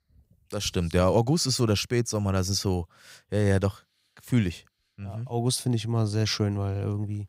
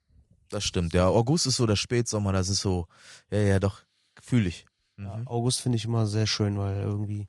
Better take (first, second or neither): first